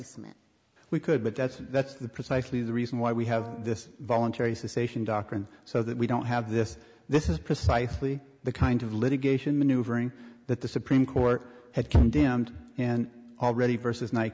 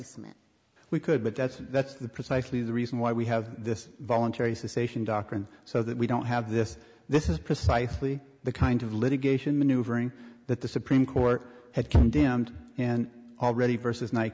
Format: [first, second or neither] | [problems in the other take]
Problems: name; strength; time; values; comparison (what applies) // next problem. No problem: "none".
second | background sound (Brass instrument); 18 dB below the speech